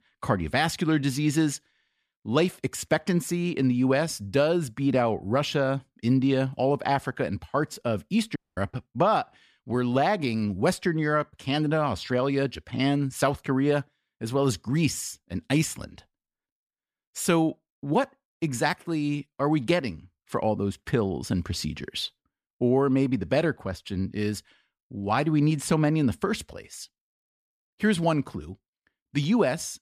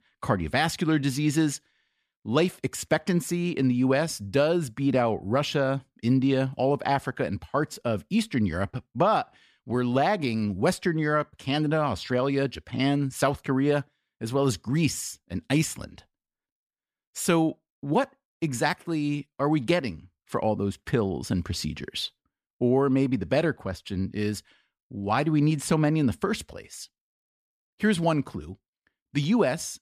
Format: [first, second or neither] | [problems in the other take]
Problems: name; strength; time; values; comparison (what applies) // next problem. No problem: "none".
second | audio cutting out; at 8.5 s